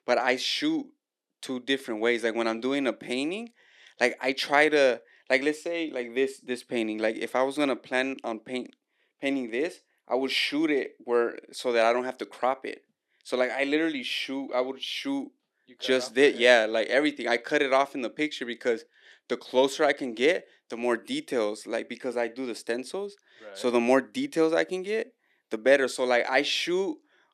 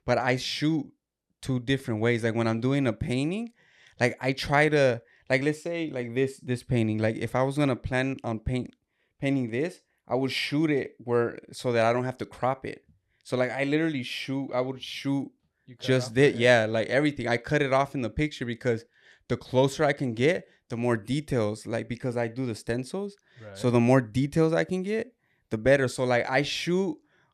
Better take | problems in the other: second | thin; very slightly; fading below 250 Hz

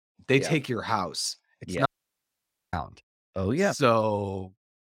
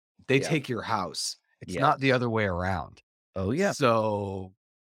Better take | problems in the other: second | audio cutting out; at 2 s for 1 s

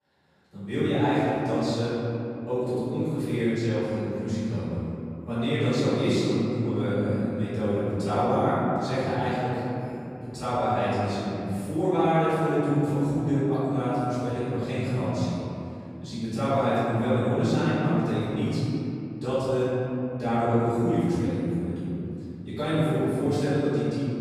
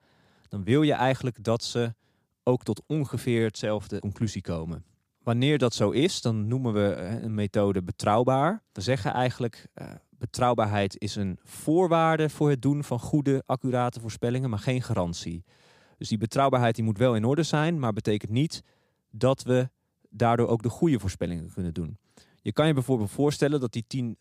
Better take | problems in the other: second | off-mic speech; far // room echo; strong; dies away in 2.7 s

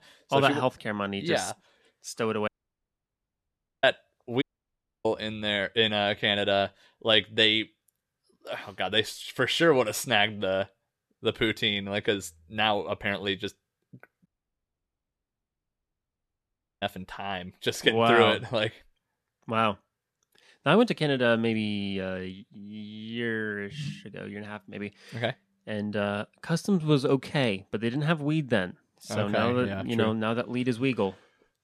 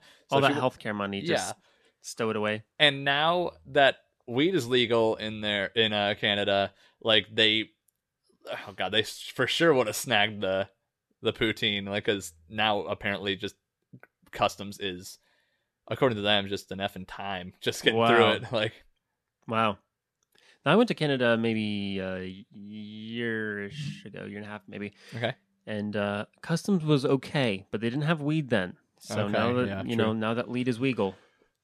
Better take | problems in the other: second | audio cutting out; at 2.5 s for 1.5 s, at 4.5 s for 0.5 s and at 14 s for 2.5 s

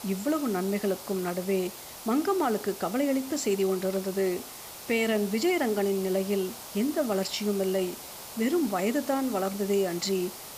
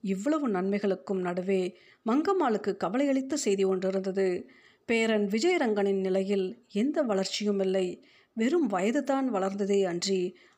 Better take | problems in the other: second | hiss; noticeable; throughout; 10 dB below the speech

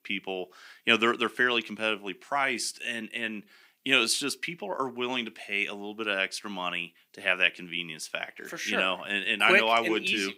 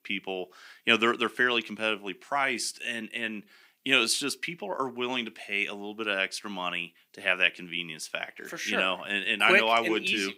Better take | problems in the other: neither | thin; somewhat; fading below 250 Hz; the same in both

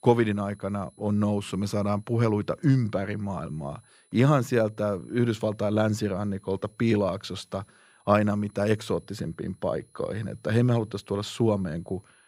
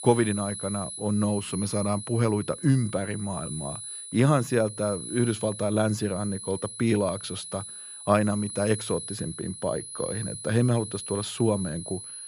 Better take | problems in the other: first | high-pitched whine; loud; throughout; 10 kHz, 9 dB below the speech; faint in the first

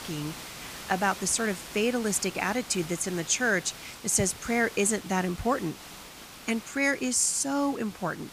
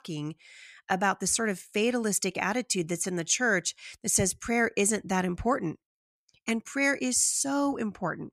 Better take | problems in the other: second | hiss; noticeable; throughout; 15 dB below the speech

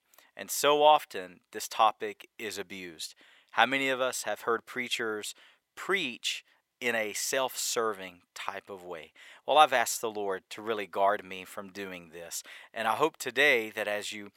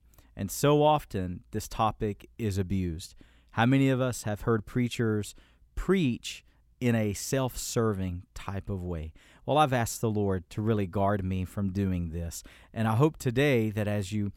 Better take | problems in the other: second | thin; very; fading below 650 Hz

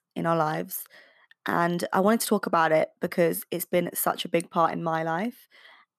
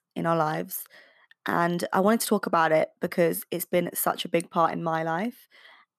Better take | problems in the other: neither | none

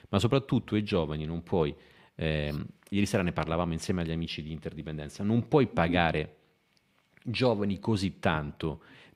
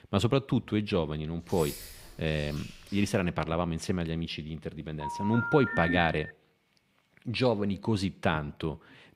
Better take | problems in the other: first | jangling keys; faint; from 1.5 to 3 s; peak 10 dB below the speech // phone ringing; noticeable; from 5 to 6.5 s; peak 2 dB below the speech

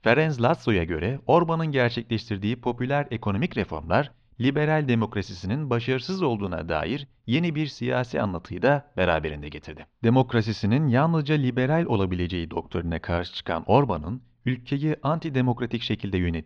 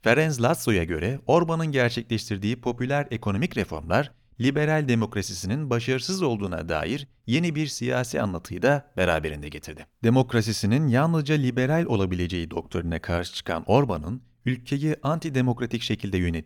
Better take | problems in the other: second | muffled; very slightly; fading above 4 kHz

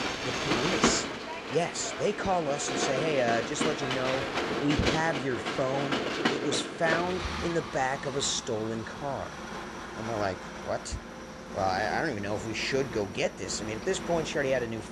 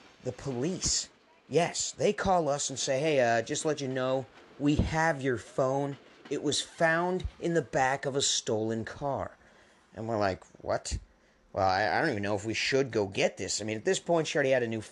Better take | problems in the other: second | train or aircraft noise; loud; throughout; 2 dB below the speech; faint in the second

